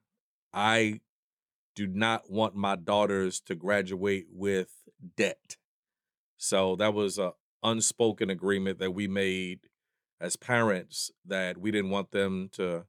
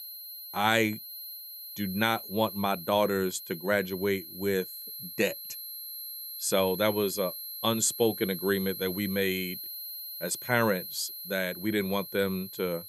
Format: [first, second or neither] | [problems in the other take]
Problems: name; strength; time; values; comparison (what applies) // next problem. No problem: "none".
first | high-pitched whine; loud; throughout; 11.5 kHz, 9 dB below the speech